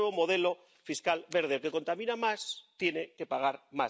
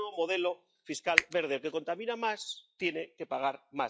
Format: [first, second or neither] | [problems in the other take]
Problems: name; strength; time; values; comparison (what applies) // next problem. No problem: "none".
first | noise reduction (classical method log-MMSE)